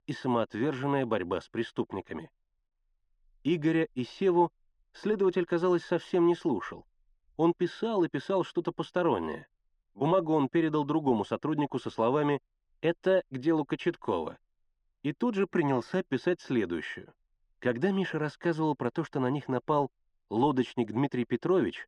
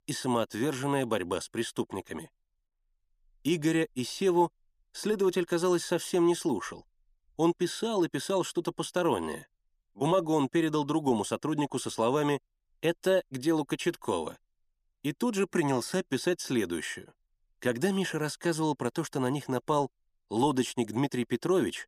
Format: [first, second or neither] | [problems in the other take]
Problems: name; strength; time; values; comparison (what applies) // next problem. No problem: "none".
second | muffled; slightly; fading above 2.5 kHz